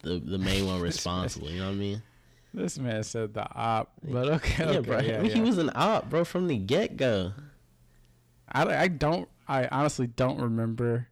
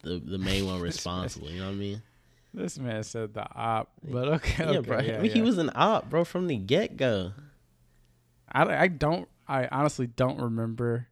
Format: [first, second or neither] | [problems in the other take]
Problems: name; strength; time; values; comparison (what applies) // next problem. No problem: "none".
second | distortion; slight; 10 dB below the speech